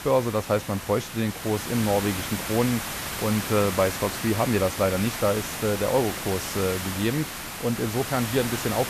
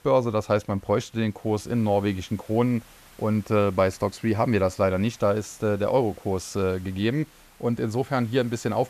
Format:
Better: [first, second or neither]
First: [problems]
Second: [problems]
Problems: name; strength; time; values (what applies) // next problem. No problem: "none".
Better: second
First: hiss; loud; throughout; 5 dB below the speech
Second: hiss; faint; throughout; 25 dB below the speech